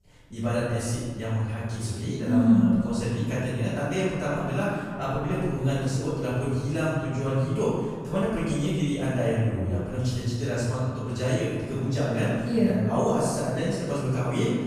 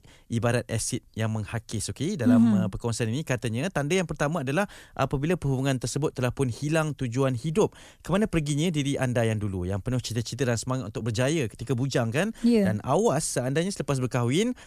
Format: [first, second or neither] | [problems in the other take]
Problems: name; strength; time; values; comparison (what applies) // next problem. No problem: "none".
second | room echo; strong; dies away in 1.8 s // off-mic speech; far